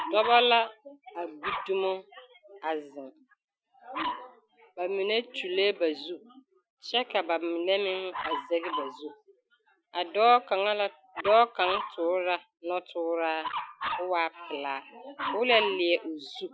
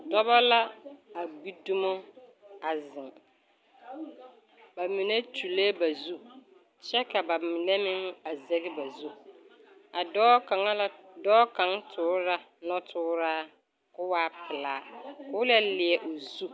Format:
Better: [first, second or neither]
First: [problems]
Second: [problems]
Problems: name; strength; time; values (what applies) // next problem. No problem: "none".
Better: second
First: noise reduction (classical method Wiener filter)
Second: none